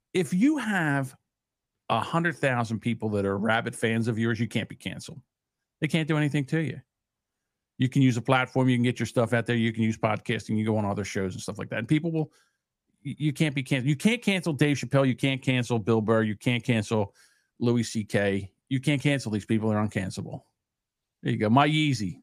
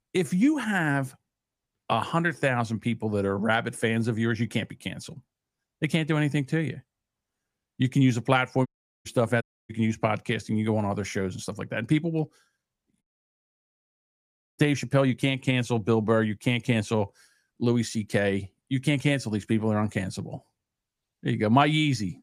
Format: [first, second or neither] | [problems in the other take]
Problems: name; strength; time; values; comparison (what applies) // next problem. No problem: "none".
first | audio cutting out; at 8.5 s, at 9.5 s and at 13 s for 1.5 s